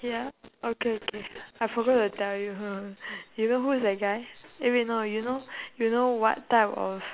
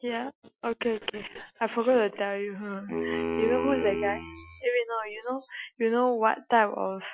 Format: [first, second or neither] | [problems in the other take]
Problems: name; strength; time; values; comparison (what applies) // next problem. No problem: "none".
first | noise reduction (classical method Wiener filter)